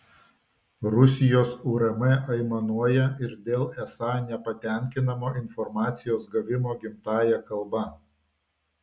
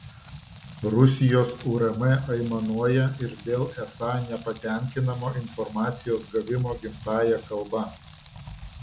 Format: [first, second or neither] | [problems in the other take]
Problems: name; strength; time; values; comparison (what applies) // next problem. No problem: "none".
first | background sound (Rain); 18 dB below the speech